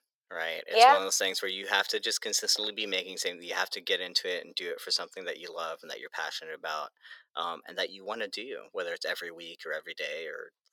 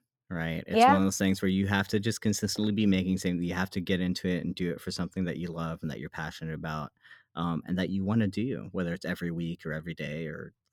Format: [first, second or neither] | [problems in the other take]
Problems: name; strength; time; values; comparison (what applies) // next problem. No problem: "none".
second | thin; very; fading below 500 Hz